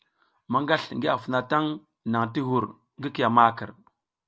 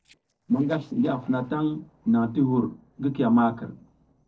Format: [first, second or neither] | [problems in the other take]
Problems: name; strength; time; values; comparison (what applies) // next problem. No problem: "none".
first | noise reduction (neural separator model SepFormer DNS4)